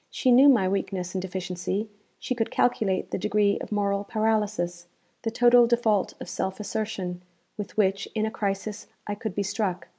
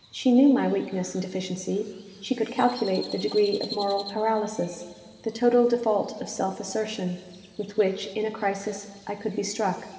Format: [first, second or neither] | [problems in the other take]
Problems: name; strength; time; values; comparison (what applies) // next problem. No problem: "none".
first | background sound (Crow); 19 dB below the speech // room echo; dies away in 2 s